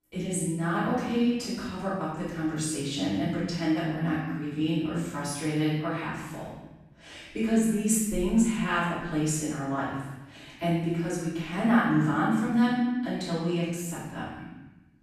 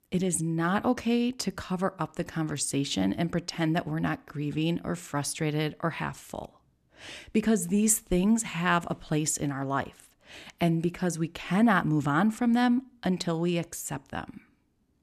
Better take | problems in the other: second | off-mic speech; far // room echo; strong; dies away in 1 s

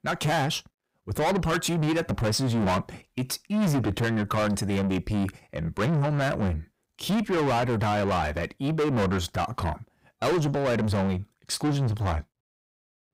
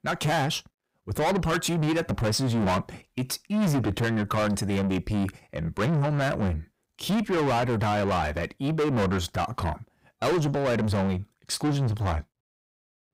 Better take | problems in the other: neither | distortion; heavy; 6 dB below the speech; the same in both

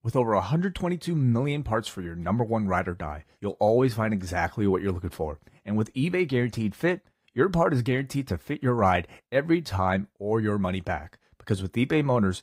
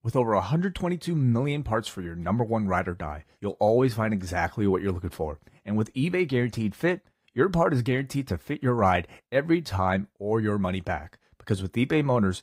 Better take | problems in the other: neither | garbled, watery; slightly; nothing above 15.5 kHz; the same in both

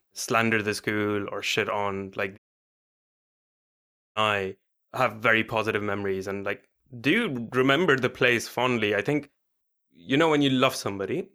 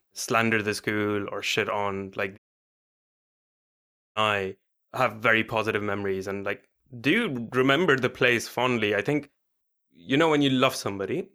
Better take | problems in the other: neither | audio cutting out; at 2.5 s for 2 s; the same in both

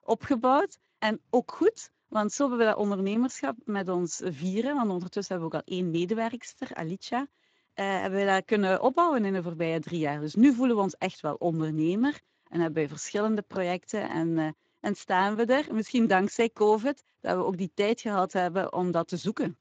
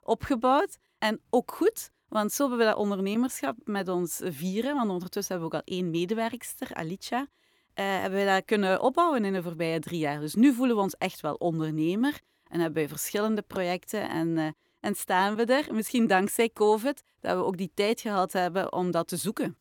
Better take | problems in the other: second | garbled, watery; slightly; nothing above 7.5 kHz

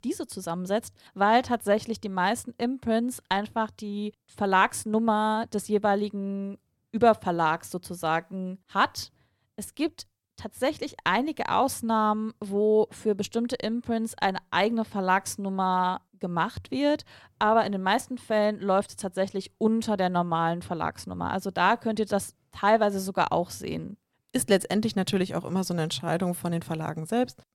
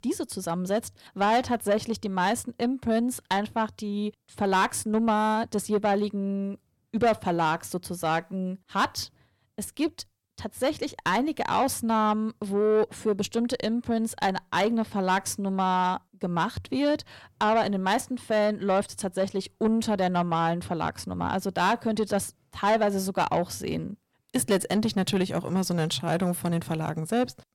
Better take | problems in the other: first | distortion; slight; 10 dB below the speech

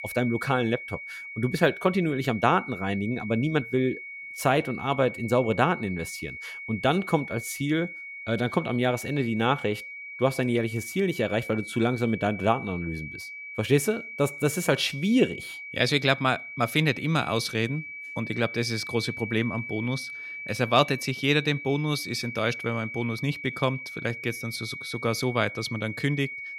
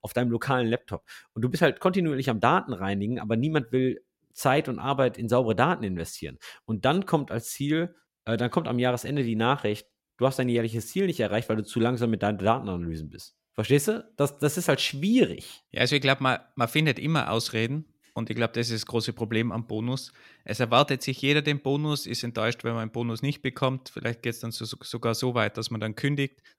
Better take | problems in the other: second | high-pitched whine; loud; throughout; 2.5 kHz, 10 dB below the speech

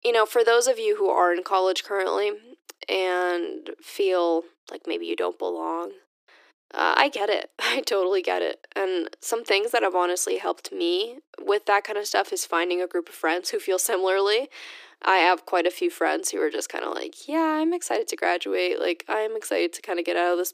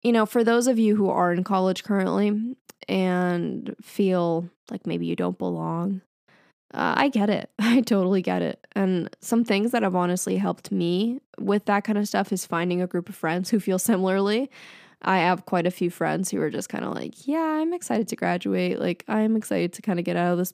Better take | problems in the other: second | thin; very; fading below 300 Hz

